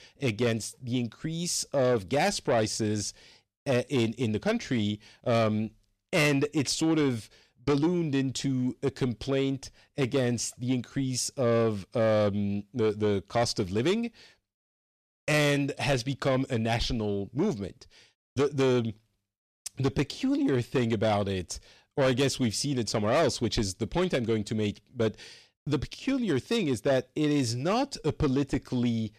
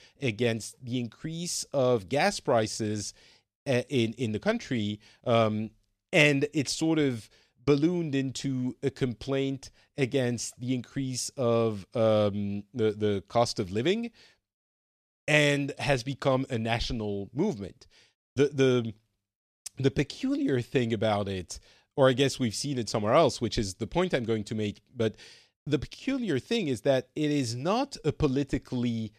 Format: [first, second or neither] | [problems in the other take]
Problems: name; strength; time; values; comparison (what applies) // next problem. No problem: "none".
second | distortion; slight; 10 dB below the speech